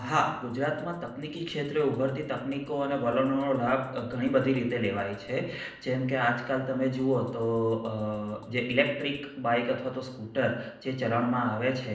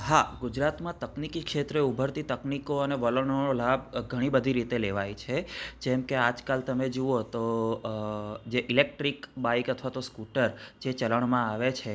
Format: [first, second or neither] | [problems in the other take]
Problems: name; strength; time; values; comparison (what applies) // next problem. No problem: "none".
second | noise reduction (neural separator model SepFormer DNS4)